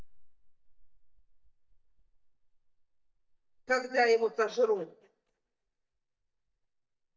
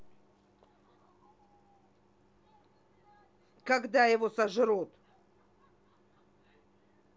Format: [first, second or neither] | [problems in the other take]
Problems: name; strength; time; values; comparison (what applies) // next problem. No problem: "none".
second | noise reduction (neural mask model DeepFilterNet 3)